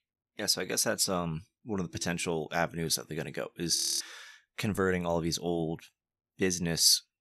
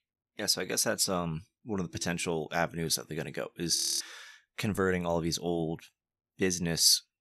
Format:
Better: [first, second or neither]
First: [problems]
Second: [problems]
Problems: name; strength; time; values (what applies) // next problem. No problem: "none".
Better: neither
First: audio freezing; at 4 s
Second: audio freezing; at 4 s